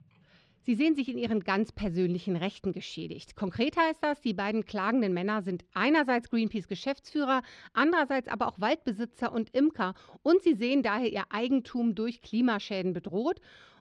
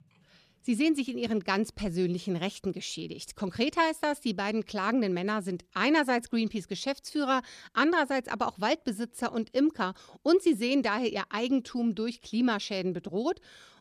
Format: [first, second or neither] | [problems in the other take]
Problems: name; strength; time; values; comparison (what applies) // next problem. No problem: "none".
second | muffled; very slightly; fading above 3.5 kHz